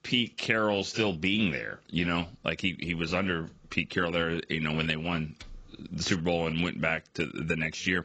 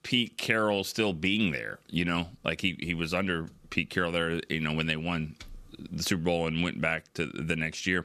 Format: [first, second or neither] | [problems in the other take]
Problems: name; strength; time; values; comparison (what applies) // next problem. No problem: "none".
second | garbled, watery; badly; nothing above 7.5 kHz